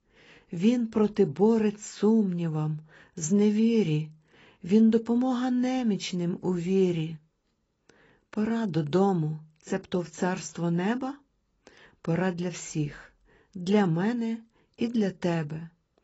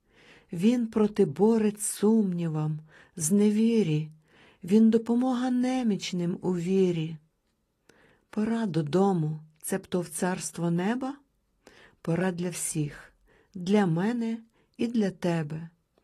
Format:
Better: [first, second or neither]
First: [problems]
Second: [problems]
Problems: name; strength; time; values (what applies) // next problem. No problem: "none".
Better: second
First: garbled, watery; badly; nothing above 7.5 kHz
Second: garbled, watery; slightly